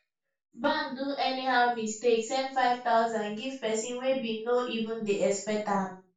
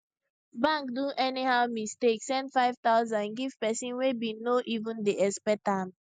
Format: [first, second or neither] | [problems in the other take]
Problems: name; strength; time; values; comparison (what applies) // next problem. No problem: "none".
second | room echo; dies away in 0.3 s